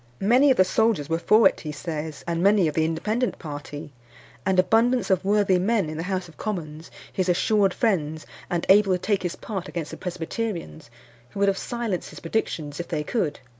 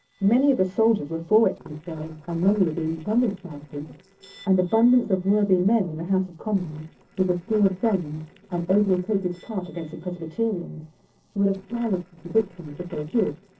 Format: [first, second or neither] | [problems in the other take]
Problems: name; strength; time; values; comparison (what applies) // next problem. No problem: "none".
first | noise reduction (neural separator model SepFormer DNS4)